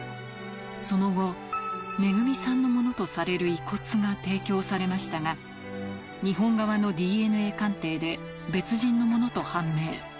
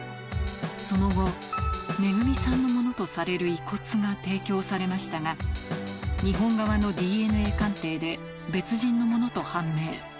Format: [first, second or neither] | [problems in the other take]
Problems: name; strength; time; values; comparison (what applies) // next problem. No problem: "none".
first | background sound (Drum kit); 4 dB below the speech